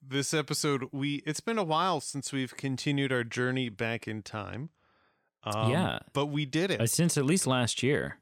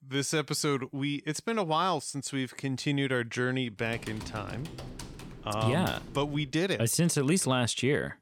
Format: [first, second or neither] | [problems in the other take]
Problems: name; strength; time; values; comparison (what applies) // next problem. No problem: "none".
first | keyboard typing; faint; from 4 to 6.5 s; peak 10 dB below the speech